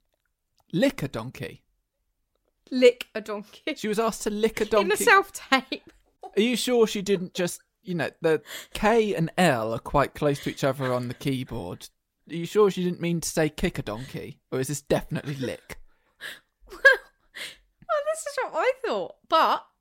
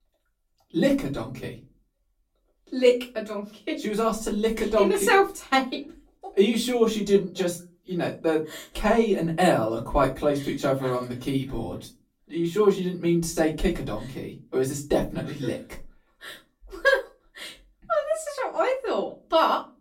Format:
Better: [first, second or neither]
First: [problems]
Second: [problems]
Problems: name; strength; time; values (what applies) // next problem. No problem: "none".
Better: first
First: none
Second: room echo; very slight; dies away in 0.3 s // off-mic speech; far